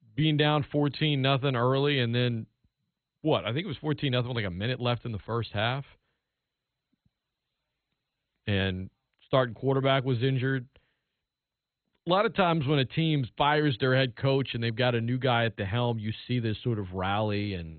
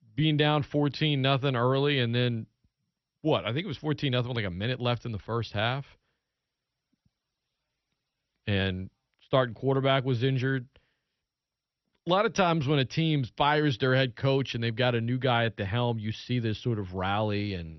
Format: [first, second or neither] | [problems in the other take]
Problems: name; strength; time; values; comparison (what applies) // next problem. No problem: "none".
second | garbled, watery; badly; nothing above 4 kHz; slightly in the second